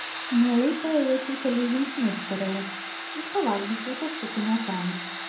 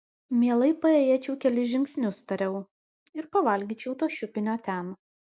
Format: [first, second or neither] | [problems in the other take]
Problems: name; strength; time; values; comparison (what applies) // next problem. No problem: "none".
second | background sound (Domestic sounds, home sounds); 8 dB below the speech // room echo; dies away in 0.6 s